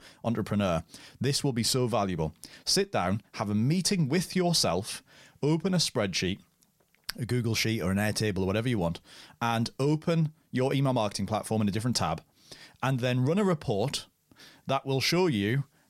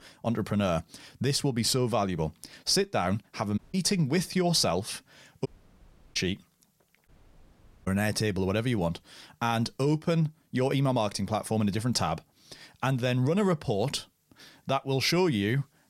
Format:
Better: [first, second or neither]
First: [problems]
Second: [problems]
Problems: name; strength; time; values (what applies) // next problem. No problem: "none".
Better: first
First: none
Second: audio cutting out; at 3.5 s, at 5.5 s for 0.5 s and at 7 s for 1 s